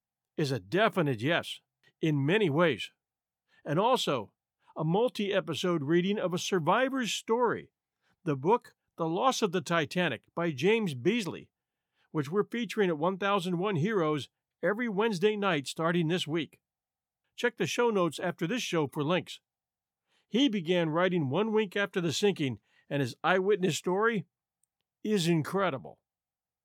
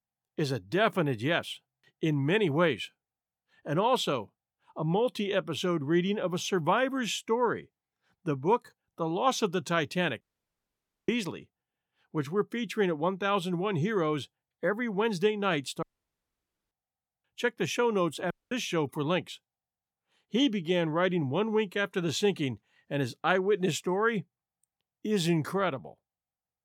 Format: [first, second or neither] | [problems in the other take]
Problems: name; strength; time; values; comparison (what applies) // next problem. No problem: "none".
first | audio cutting out; at 10 s for 1 s, at 16 s for 1 s and at 18 s